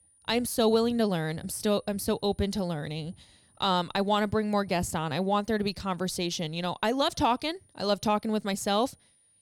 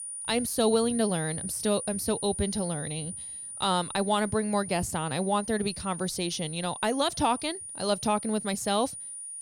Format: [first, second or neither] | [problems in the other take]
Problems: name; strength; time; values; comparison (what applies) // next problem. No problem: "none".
first | high-pitched whine; loud; throughout; 9.5 kHz, 7 dB below the speech; faint in the first